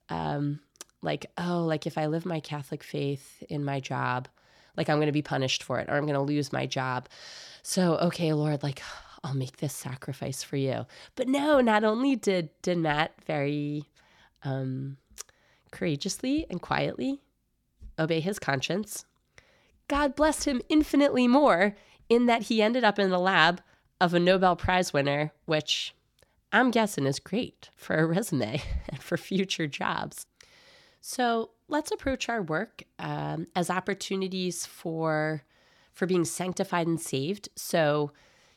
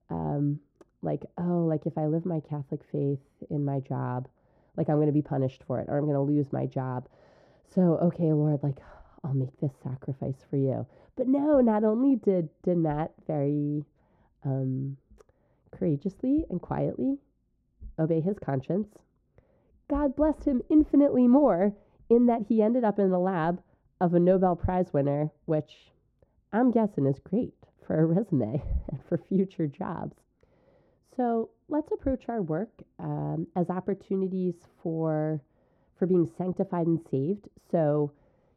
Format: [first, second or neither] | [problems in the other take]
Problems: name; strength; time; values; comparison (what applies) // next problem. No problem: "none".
first | muffled; very; fading above 1.5 kHz